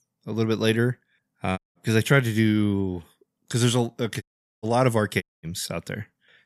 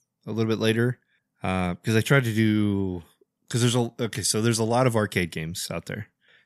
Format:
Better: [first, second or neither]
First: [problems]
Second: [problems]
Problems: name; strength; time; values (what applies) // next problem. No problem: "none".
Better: second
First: audio cutting out; at 1.5 s, at 4 s and at 5 s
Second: none